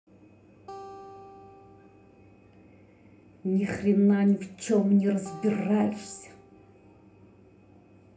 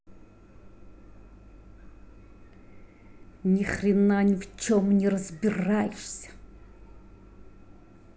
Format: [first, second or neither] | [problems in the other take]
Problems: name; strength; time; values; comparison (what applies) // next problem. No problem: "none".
second | background sound (Acoustic guitar); 20 dB below the speech // room echo; dies away in 0.3 s